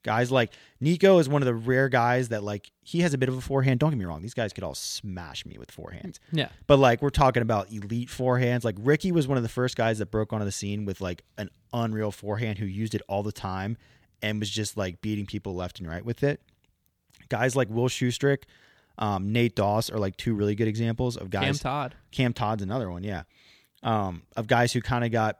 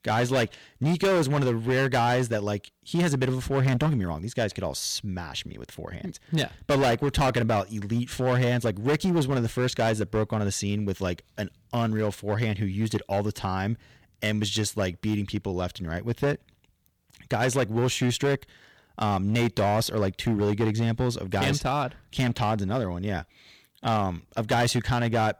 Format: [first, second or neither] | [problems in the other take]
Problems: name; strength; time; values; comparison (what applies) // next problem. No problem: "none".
first | distortion; heavy; 10% of the sound clipped